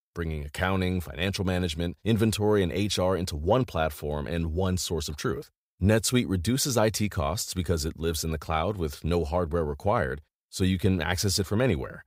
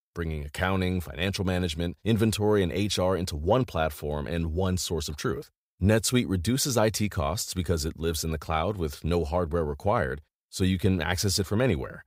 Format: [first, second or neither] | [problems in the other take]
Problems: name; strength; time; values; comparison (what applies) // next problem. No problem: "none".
neither | none